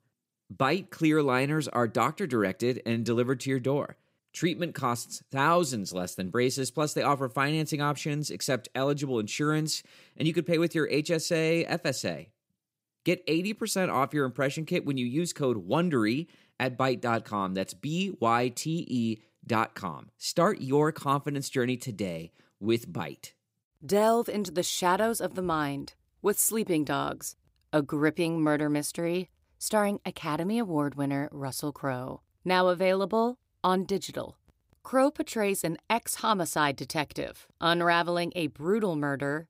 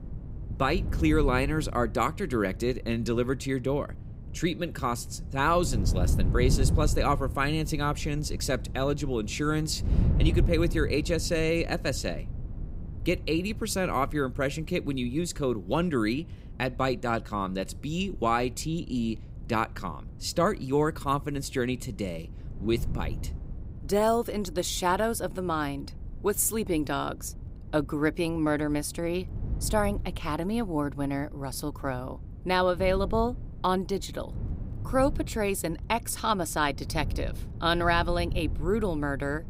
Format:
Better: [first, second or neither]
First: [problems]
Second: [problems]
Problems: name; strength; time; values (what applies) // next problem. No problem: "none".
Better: first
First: none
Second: wind noise on the microphone; occasional gusts; 20 dB below the speech